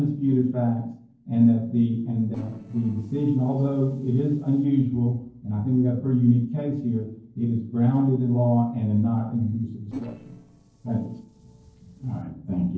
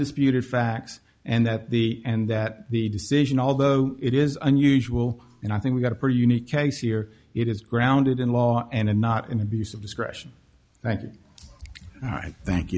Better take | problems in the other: second | noise reduction (neural separator model SepFormer DNS4)

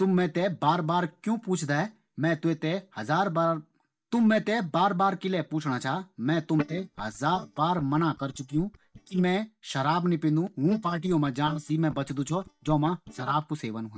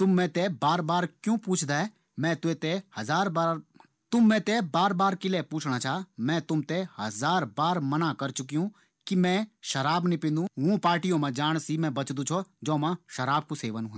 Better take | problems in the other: second | noise reduction (neural mask model DeepFilterNet 3)

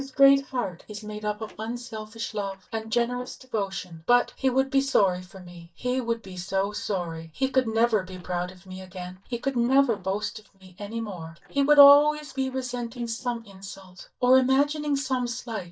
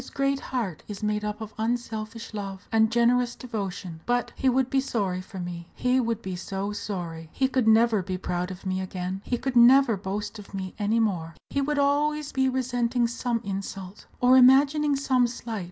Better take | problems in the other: second | noise reduction (neural mask model DeepFilterNet 3)

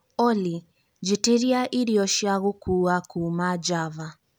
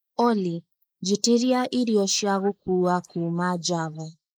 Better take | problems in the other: first | noise reduction (neural mask model Resemble Enhance denoiser)

